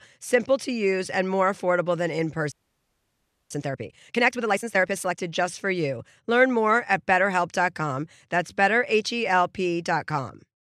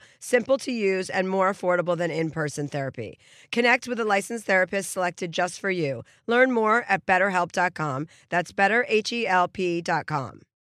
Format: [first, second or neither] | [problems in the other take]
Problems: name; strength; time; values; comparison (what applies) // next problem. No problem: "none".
second | audio freezing; at 2.5 s for 1 s